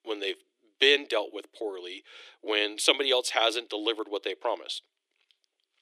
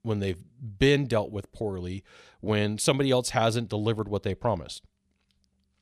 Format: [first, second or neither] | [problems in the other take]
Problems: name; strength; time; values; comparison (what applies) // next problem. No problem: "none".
second | thin; very; fading below 300 Hz